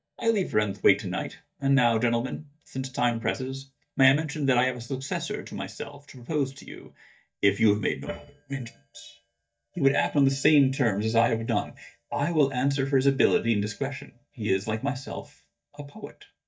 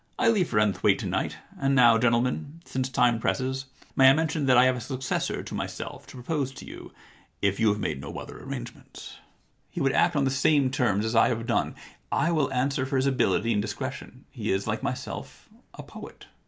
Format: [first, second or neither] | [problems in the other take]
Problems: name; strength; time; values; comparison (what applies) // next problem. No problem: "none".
second | noise reduction (neural mask model DeepFilterNet 3)